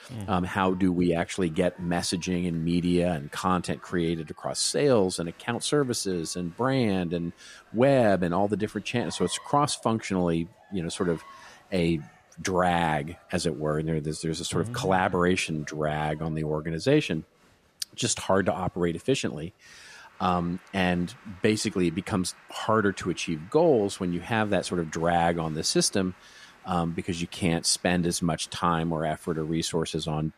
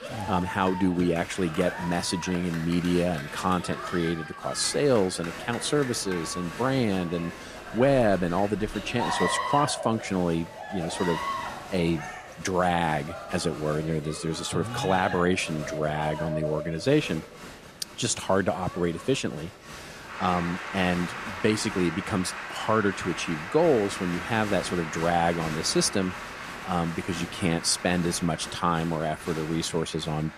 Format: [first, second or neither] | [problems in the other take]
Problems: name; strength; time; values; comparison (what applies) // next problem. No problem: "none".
first | crowd noise; loud; throughout; 9 dB below the speech; faint in the first